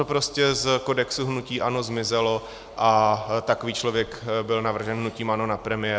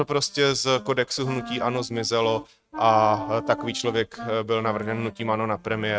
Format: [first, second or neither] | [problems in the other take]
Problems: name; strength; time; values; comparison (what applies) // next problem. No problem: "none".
first | noise reduction (neural mask model RNNoise)